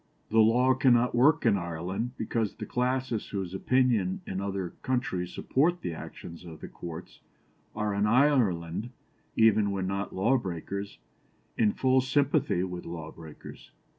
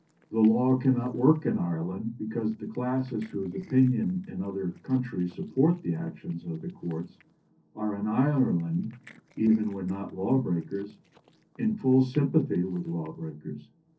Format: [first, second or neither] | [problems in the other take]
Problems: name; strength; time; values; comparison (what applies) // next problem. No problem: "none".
first | noise reduction (neural separator model SepFormer DNS4)